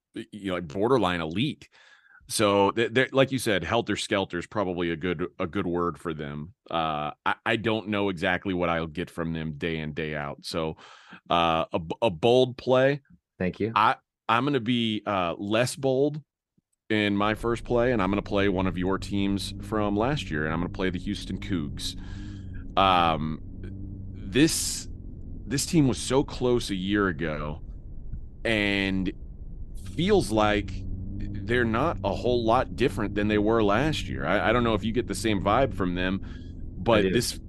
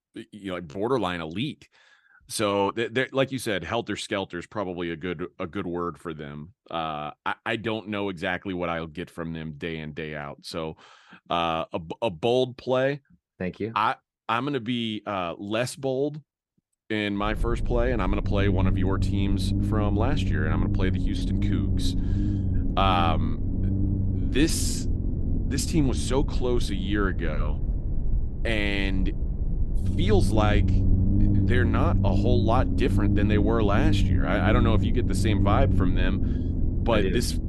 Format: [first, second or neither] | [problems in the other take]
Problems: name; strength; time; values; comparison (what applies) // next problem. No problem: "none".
first | low rumble; loud; from 17 s on; 8 dB below the speech; faint in the first